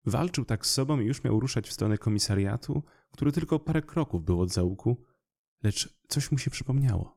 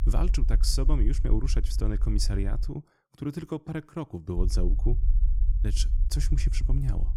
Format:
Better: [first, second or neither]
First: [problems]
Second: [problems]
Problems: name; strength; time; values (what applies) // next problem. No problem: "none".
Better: first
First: none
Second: low rumble; noticeable; until 2.5 s and from 4.5 s on; 15 dB below the speech